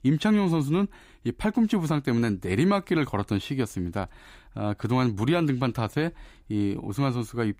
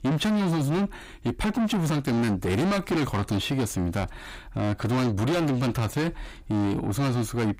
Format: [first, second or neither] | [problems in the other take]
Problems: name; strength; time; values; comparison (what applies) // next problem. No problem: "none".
first | distortion; heavy; 6 dB below the speech